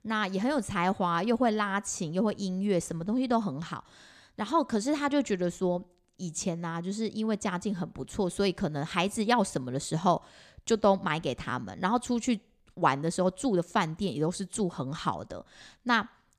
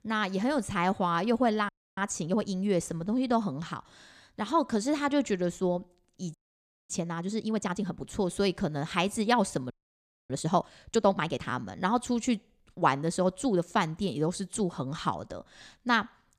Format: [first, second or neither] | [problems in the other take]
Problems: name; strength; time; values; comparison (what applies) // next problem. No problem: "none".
first | audio freezing; at 1.5 s, at 6.5 s for 0.5 s and at 9.5 s for 0.5 s